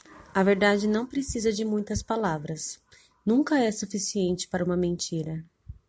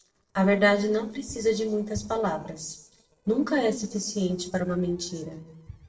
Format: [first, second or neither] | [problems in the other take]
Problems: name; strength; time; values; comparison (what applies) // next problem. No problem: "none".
first | noise reduction (neural separator model SepFormer DNS4)